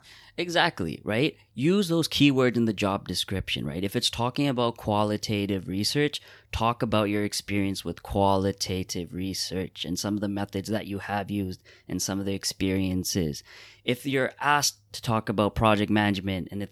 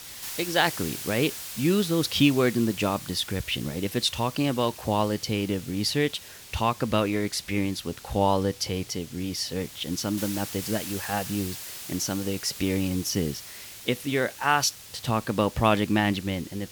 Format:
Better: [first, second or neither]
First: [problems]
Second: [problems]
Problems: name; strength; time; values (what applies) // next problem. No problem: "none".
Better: first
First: none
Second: hiss; noticeable; throughout; 10 dB below the speech